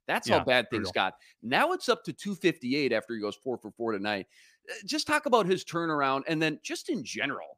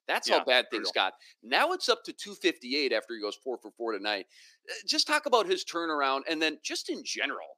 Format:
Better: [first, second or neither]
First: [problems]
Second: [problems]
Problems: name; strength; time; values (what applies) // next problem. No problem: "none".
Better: first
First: none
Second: thin; somewhat; fading below 300 Hz